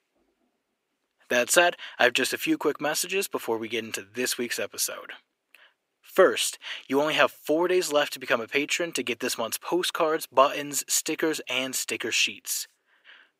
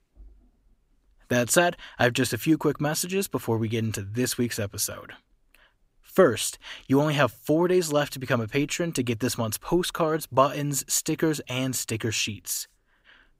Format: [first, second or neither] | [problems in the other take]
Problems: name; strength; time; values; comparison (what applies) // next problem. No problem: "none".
second | thin; somewhat; fading below 400 Hz